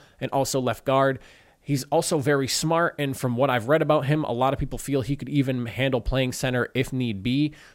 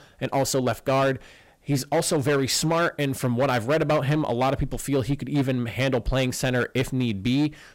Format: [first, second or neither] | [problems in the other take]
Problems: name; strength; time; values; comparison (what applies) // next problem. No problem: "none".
first | distortion; slight; 9% of the sound clipped